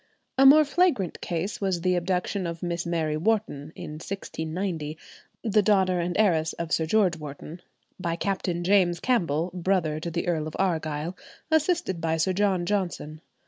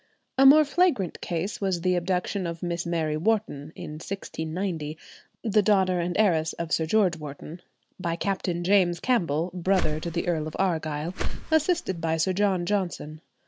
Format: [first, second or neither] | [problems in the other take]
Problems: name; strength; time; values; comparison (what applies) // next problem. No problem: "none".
first | background sound (Whoosh, swoosh, swish); 1 dB below the speech